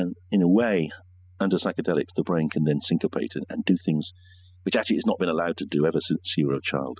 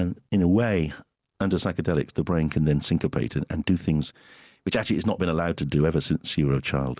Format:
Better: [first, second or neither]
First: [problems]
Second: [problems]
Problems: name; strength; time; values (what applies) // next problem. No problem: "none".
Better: second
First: noise reduction (classical method spectral subtraction)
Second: none